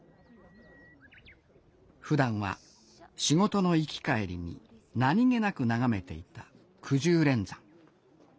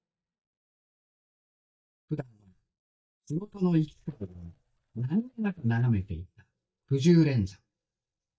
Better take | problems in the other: first | noise reduction (neural mask model DeepFilterNet 3)

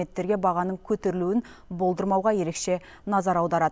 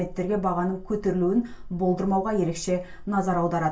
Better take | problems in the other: first | room echo; dies away in 0.2 s

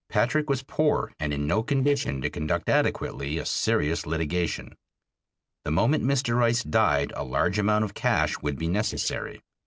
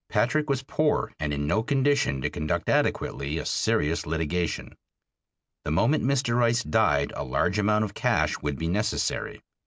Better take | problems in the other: second | noise reduction (neural separator model SepFormer DNS4)

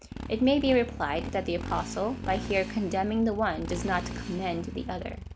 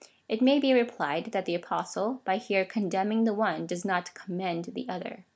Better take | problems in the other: second | background sound (Motorcycle); 8 dB below the speech

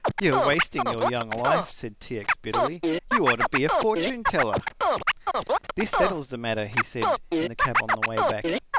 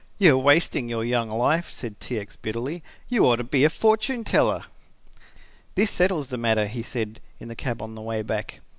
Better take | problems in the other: second | background sound (Scratching (performance technique)); 3 dB above the speech

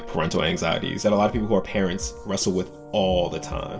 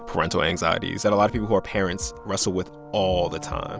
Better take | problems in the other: second | room echo; dies away in 0.7 s

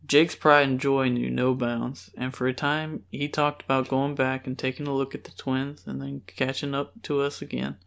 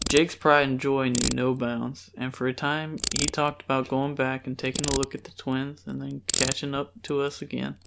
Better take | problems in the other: first | background sound (Ratchet, pawl); 7 dB below the speech

